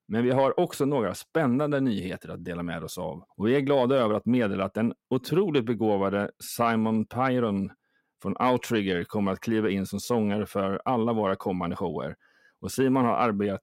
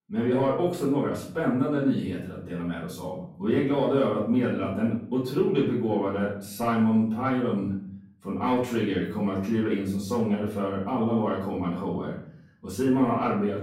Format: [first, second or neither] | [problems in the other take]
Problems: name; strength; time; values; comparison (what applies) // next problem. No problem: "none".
first | off-mic speech; far // room echo; noticeable; dies away in 0.6 s